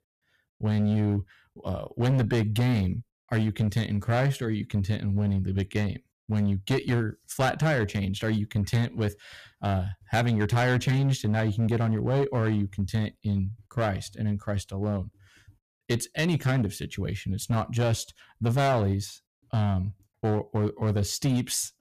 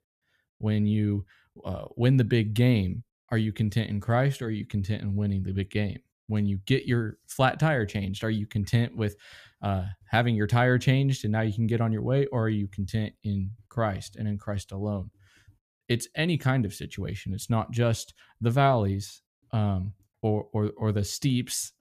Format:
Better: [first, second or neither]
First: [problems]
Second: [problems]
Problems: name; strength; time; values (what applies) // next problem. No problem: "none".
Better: second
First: distortion; slight; 9% of the sound clipped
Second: none